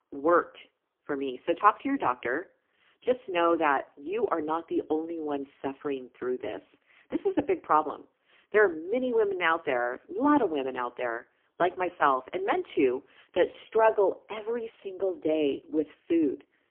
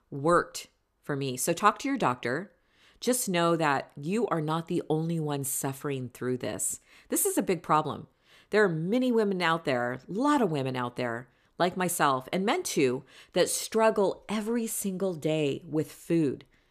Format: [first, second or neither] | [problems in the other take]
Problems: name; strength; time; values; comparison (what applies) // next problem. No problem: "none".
second | phone-call audio; poor line; nothing above 3 kHz